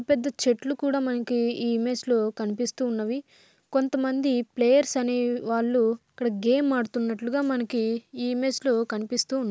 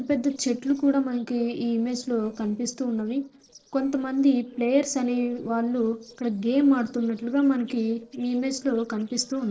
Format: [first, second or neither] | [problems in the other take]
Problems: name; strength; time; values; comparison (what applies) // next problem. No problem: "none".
first | noise reduction (neural separator model SepFormer DNS4)